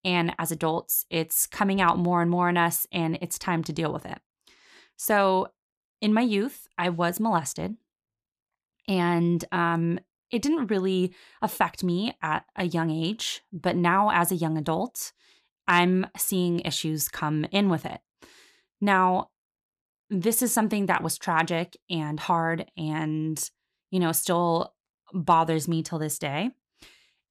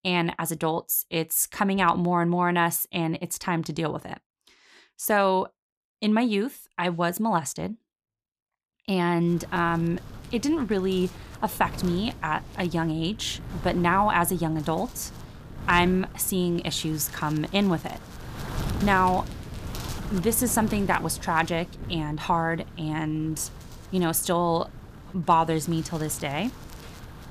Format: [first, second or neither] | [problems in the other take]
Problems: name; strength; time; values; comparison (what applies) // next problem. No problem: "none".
first | wind noise on the microphone; occasional gusts; from 9.5 s on; 20 dB below the speech